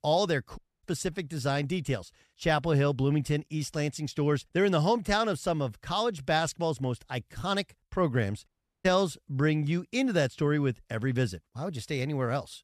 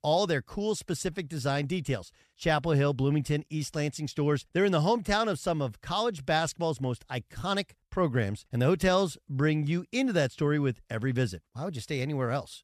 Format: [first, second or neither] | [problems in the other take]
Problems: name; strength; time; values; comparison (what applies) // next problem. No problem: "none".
second | audio cutting out; at 0.5 s and at 8.5 s